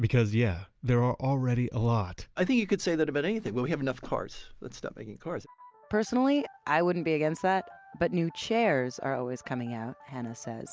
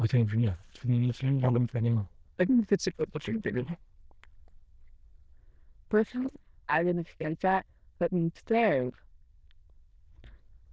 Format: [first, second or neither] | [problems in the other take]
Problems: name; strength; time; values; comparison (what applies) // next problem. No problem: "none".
first | noise reduction (neural diffusion model UNIVERSE++)